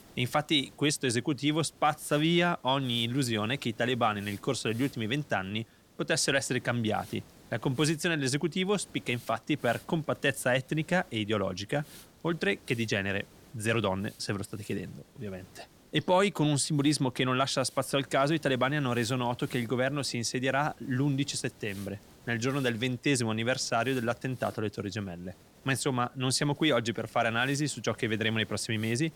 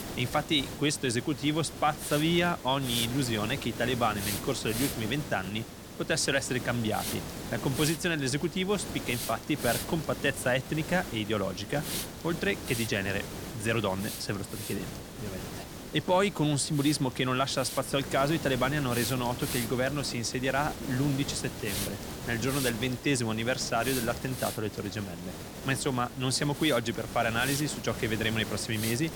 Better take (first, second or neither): first